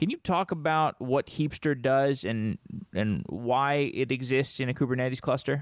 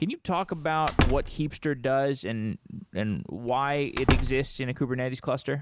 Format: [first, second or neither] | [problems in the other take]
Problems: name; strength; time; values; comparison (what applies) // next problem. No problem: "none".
first | background sound (Slam); 1 dB below the speech